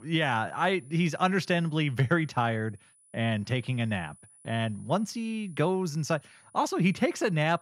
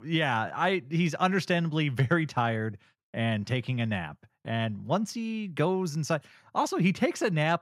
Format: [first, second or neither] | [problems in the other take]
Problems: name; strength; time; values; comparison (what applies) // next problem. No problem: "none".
second | high-pitched whine; faint; throughout; 10 kHz, 30 dB below the speech